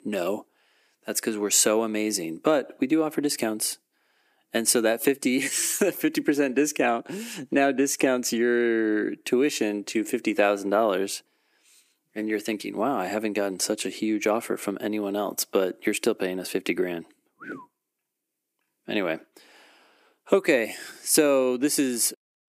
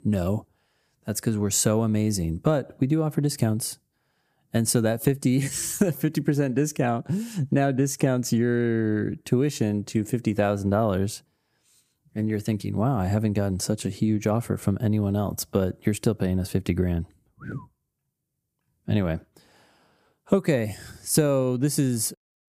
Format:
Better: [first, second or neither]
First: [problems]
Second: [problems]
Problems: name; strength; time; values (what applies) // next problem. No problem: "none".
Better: second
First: thin; somewhat; fading below 300 Hz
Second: none